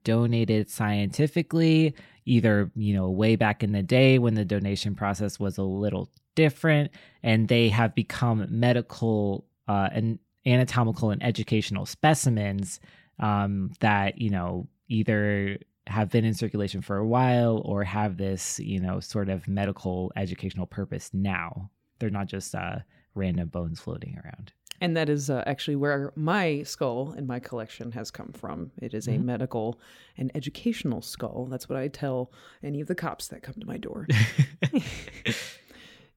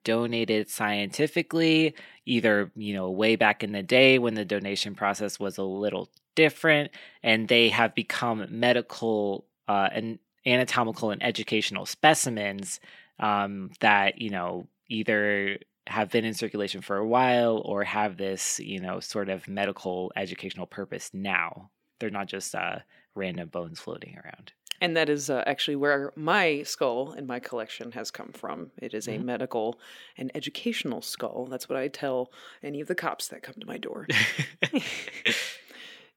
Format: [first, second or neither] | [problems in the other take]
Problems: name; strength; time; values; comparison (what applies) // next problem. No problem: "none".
first | thin; somewhat; fading below 300 Hz